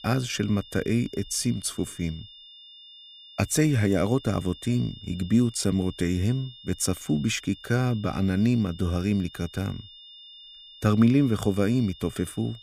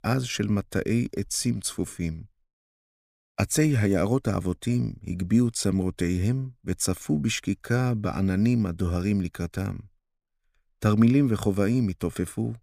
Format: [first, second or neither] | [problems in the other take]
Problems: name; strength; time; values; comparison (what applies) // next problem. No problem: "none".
second | high-pitched whine; noticeable; throughout; 3.5 kHz, 20 dB below the speech